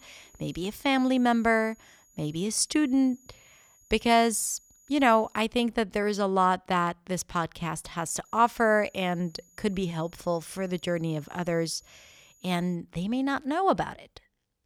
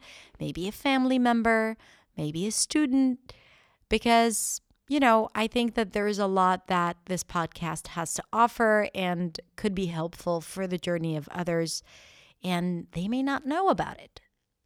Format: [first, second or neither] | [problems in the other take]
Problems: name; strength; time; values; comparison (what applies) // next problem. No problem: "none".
second | high-pitched whine; faint; until 5.5 s and from 8.5 to 13 s; 7 kHz, 30 dB below the speech